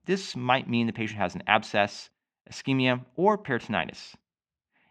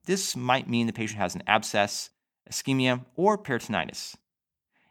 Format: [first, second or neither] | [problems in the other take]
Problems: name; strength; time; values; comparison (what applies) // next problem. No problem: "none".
second | muffled; slightly; fading above 3 kHz